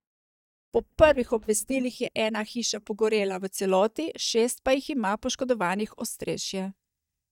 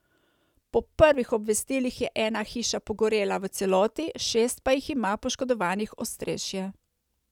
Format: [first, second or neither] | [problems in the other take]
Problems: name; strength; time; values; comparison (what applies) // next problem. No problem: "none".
second | noise reduction (neural mask model DeepFilterNet 3)